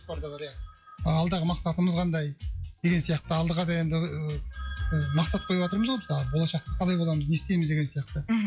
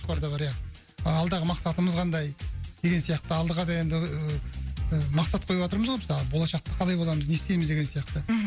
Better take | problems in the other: second | noise reduction (classical method log-MMSE)

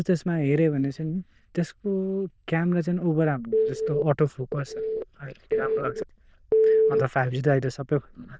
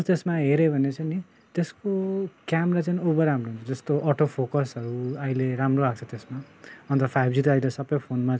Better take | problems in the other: second | noise reduction (neural diffusion model UNIVERSE++)

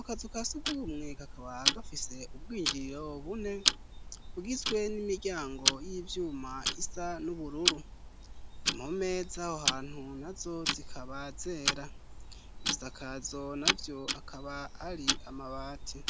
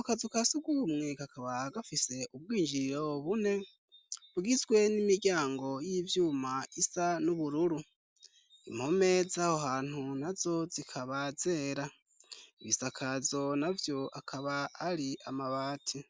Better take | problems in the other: second | background sound (Tick-tock); 2 dB above the speech

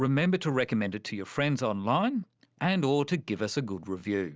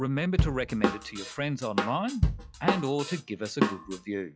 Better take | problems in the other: first | noise reduction (classical method log-MMSE)

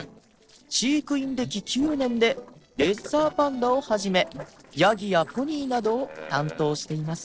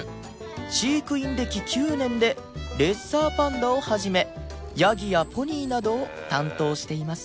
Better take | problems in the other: second | noise reduction (neural separator model SepFormer DNS4)

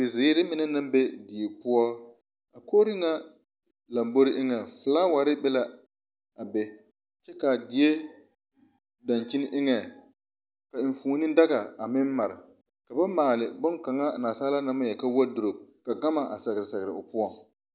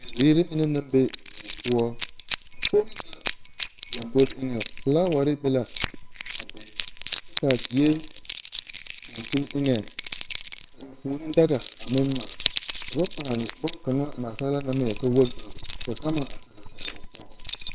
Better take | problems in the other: first | noise reduction (neural separator model SepFormer WHAMR!)

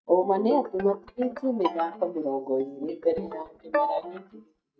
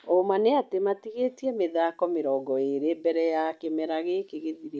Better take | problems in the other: second | noise reduction (neural mask model DeepFilterNet 3)

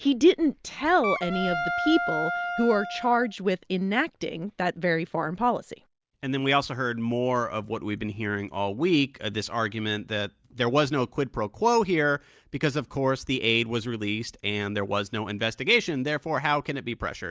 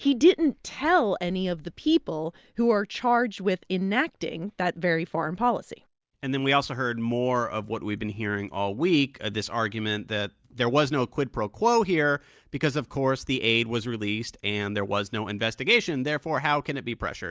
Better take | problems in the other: second | background sound (Wind instrument, woodwind instrument); 5 dB below the speech

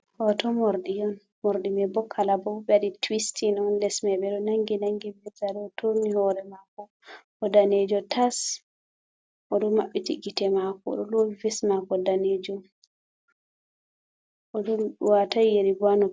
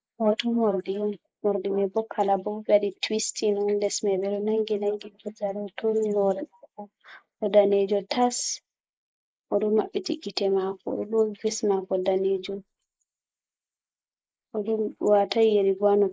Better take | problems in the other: first | noise reduction (neural mask model Resemble Enhance denoiser)

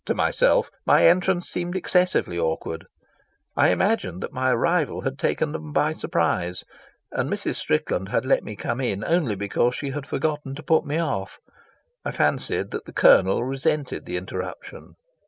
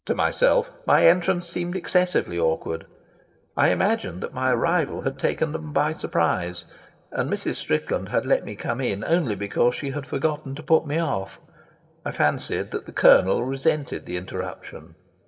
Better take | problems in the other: first | noise reduction (neural separator model SepFormer DNS4)

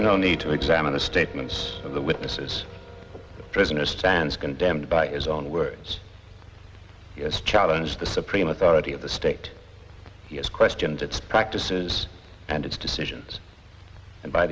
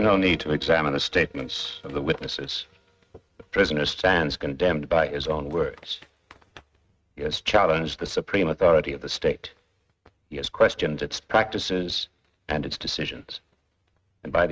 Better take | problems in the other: first | noise reduction (neural mask model RNNoise)

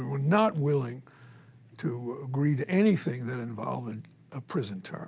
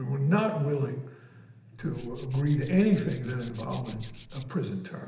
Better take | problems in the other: first | background sound (Tools); 18 dB below the speech // room echo; dies away in 0.8 s

